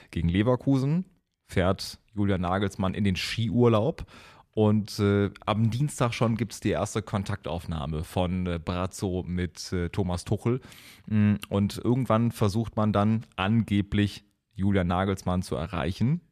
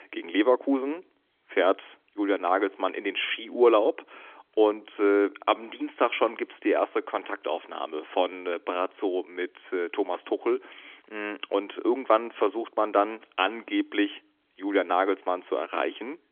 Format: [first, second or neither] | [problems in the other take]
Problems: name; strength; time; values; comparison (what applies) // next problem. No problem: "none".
first | phone-call audio; nothing above 3.5 kHz